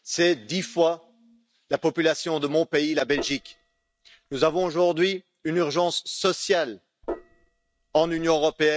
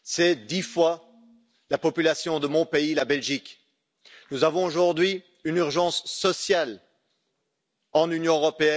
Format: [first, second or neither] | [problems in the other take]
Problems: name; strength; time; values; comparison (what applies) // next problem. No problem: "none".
second | noise reduction (neural mask model RNNoise)